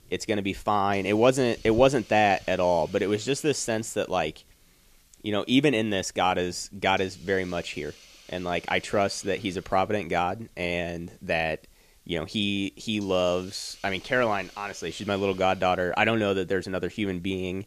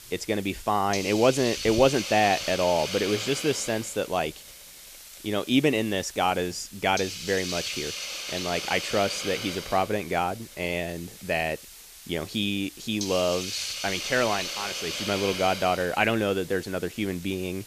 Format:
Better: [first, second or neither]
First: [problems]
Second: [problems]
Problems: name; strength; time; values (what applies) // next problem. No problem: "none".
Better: first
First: hiss; faint; throughout; 25 dB below the speech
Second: hiss; loud; throughout; 7 dB below the speech